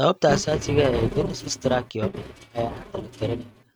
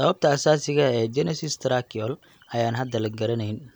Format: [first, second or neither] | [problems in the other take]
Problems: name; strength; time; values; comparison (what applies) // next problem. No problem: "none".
second | noise reduction (neural mask model RNNoise)